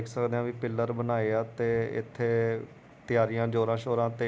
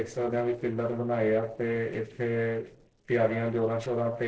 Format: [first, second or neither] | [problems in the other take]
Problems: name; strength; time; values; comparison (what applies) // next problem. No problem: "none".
first | noise reduction (neural separator model SepFormer DNS4)